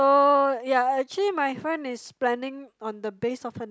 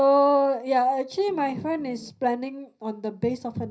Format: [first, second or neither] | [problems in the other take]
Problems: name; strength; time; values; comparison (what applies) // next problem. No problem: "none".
first | background sound (Organ); 20 dB below the speech // room echo; dies away in 0.4 s